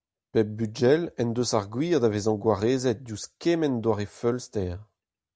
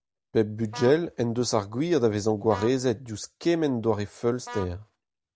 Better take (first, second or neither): first